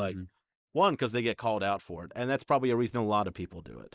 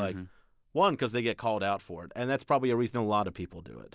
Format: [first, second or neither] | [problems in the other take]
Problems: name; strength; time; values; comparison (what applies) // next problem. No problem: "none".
second | noise reduction (neural mask model Resemble Enhance denoiser)